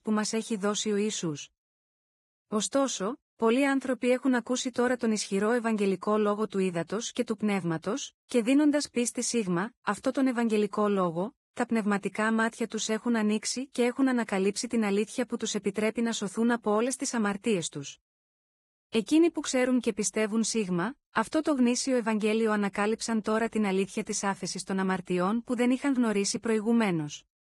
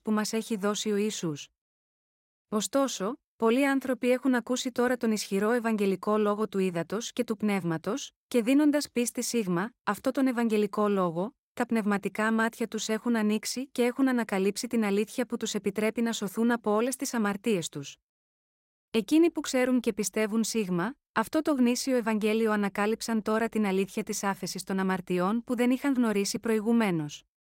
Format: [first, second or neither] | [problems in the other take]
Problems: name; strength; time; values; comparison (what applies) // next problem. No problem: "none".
second | garbled, watery; badly; nothing above 10.5 kHz